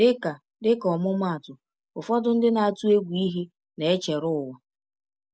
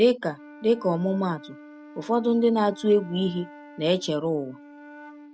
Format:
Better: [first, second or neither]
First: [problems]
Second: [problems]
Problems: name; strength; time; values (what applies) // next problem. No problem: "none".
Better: first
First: none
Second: background sound (Wind instrument, woodwind instrument); 20 dB below the speech